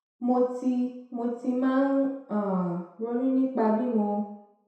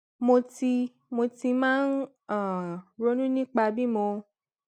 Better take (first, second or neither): second